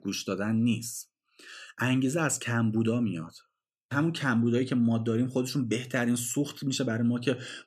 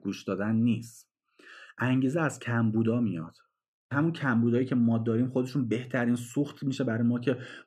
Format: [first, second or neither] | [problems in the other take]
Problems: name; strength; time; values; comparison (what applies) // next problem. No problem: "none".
first | muffled; slightly; fading above 3 kHz